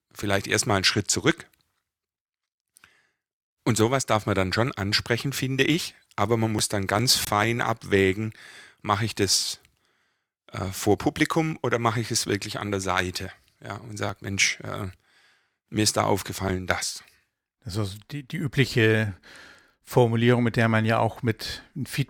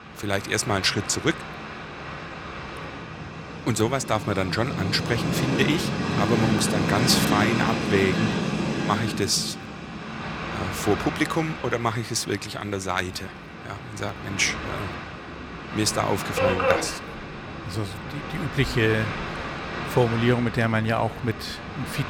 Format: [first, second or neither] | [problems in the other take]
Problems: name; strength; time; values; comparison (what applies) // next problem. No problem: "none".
first | train or aircraft noise; loud; throughout; 3 dB below the speech